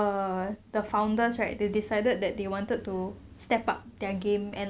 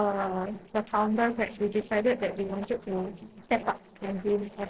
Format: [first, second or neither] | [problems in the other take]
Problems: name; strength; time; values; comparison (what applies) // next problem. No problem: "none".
first | noise reduction (neural separator model SepFormer DNS4)